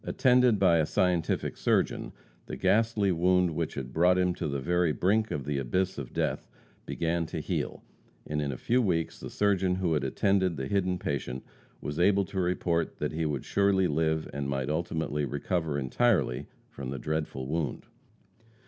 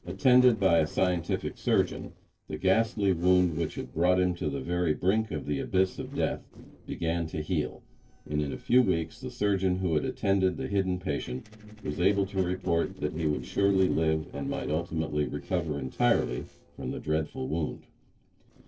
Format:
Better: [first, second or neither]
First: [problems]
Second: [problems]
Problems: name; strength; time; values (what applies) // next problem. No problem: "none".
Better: first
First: none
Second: noise reduction (neural separator model SepFormer DNS4)